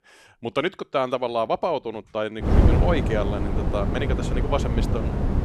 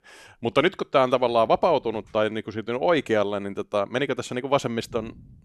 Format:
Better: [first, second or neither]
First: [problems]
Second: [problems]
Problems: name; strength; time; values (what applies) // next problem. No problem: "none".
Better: second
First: wind noise on the microphone; heavy; from 2.5 s on; 4 dB below the speech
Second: none